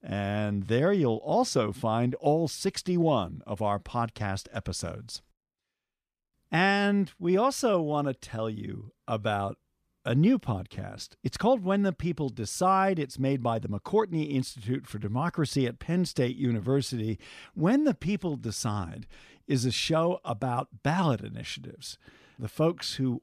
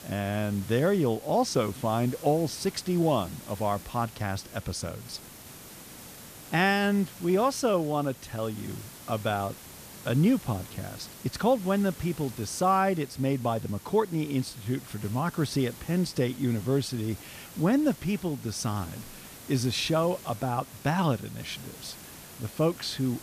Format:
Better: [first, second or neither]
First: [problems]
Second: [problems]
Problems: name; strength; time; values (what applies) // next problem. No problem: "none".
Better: first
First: none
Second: hiss; noticeable; throughout; 15 dB below the speech